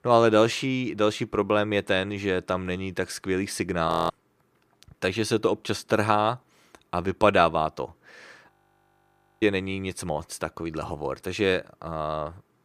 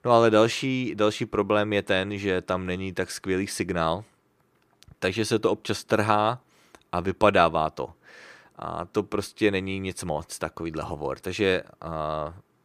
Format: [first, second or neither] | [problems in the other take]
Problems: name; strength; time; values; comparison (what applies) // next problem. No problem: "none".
second | audio freezing; at 4 s and at 8.5 s for 1 s